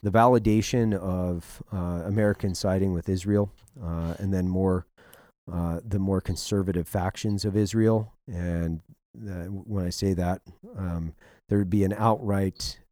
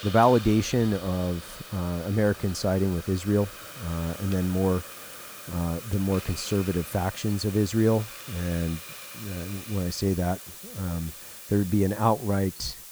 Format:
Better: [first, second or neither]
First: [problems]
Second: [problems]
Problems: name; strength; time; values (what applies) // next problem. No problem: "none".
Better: first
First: none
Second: hiss; noticeable; throughout; 15 dB below the speech